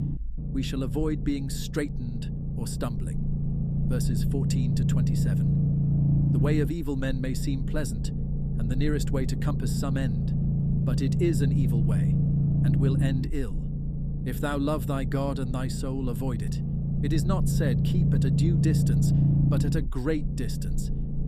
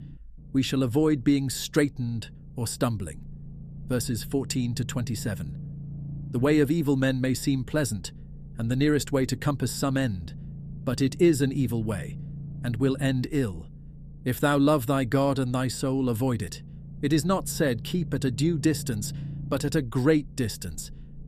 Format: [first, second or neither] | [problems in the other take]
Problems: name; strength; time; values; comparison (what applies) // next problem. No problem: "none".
second | low rumble; loud; throughout; 2 dB below the speech; faint in the second